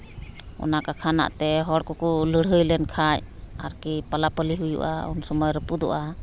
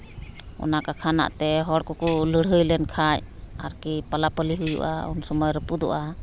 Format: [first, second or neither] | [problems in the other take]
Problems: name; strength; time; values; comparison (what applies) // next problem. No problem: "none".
first | background sound (Tambourine); 18 dB below the speech